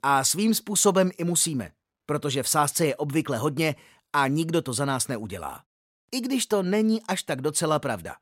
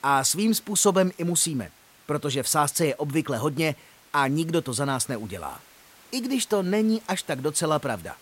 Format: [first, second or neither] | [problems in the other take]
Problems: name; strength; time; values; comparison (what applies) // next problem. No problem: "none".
first | hiss; faint; throughout; 25 dB below the speech